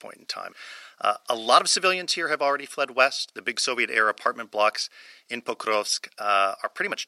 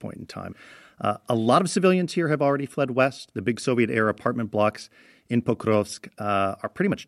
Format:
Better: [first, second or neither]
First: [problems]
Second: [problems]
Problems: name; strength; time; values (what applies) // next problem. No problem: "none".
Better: second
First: thin; very; fading below 800 Hz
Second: none